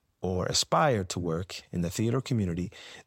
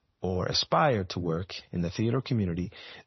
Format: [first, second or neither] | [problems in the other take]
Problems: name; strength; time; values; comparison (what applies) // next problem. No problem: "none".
first | garbled, watery; slightly; nothing above 6 kHz